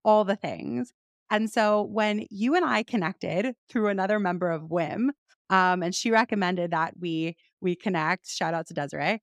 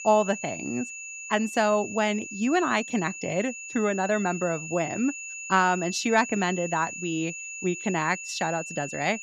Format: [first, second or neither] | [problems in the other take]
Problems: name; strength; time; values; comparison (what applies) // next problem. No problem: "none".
first | high-pitched whine; loud; throughout; 2.5 kHz, 9 dB below the speech